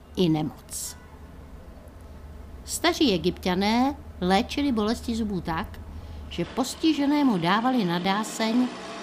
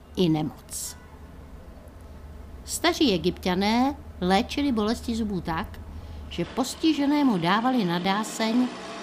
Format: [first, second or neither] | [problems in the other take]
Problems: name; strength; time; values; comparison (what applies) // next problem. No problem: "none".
neither | traffic noise; noticeable; throughout; 15 dB below the speech; the same in both